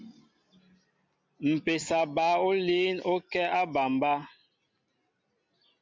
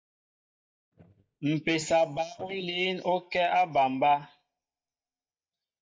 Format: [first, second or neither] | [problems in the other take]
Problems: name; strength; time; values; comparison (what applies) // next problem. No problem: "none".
first | noise reduction (neural mask model DeepFilterNet 3)